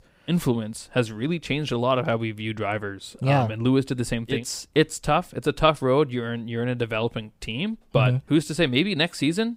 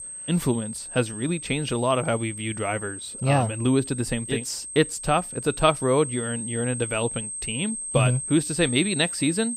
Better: first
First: none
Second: high-pitched whine; loud; throughout; 8.5 kHz, 7 dB below the speech

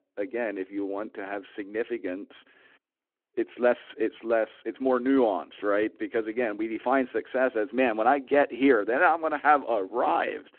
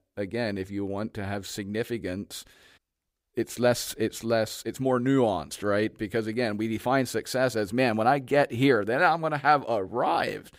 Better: second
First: phone-call audio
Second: none

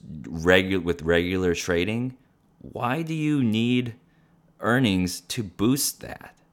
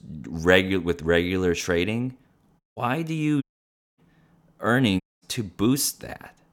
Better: first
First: none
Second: audio cutting out; at 2.5 s, at 3.5 s for 0.5 s and at 5 s

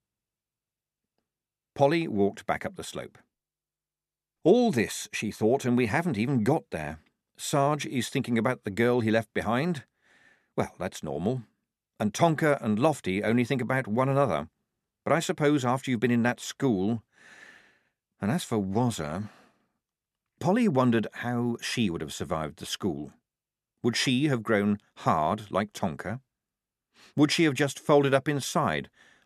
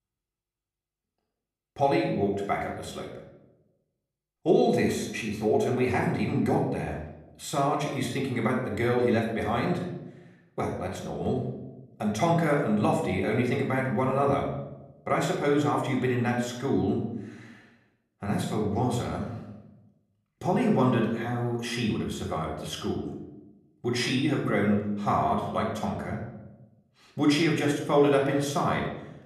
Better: first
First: none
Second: off-mic speech; somewhat distant // room echo; noticeable; dies away in 0.8 s

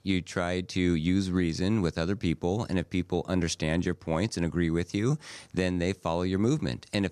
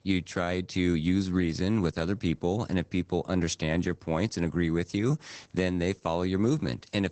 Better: first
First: none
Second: garbled, watery; badly; nothing above 8 kHz

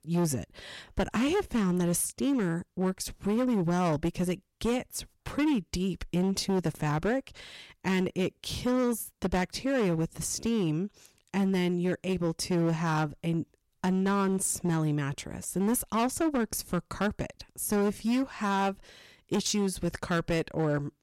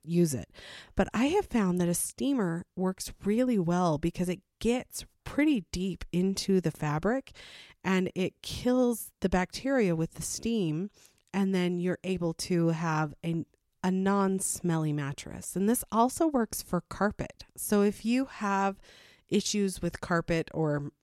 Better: second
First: distortion; slight; 11% of the sound clipped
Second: none

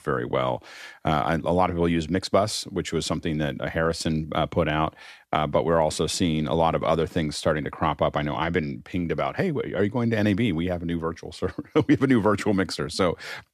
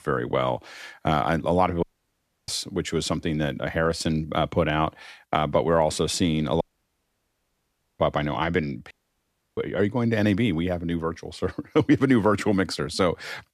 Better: first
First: none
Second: audio cutting out; at 2 s for 0.5 s, at 6.5 s for 1.5 s and at 9 s for 0.5 s

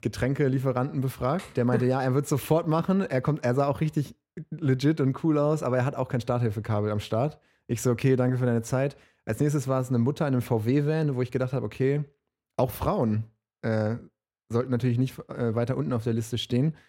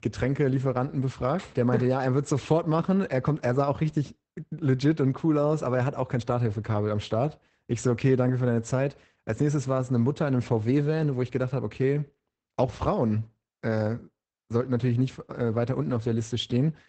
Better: first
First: none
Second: garbled, watery; badly; nothing above 8 kHz

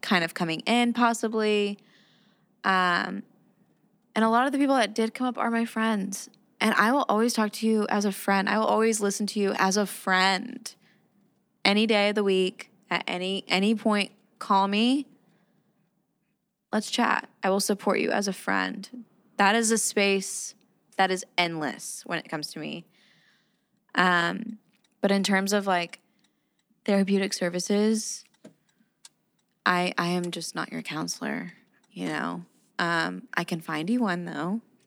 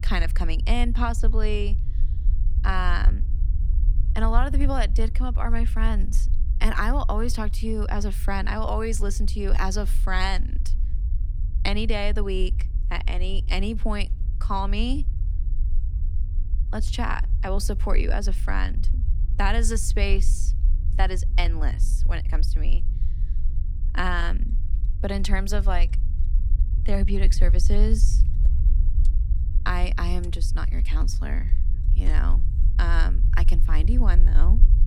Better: first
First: none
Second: low rumble; noticeable; throughout; 15 dB below the speech

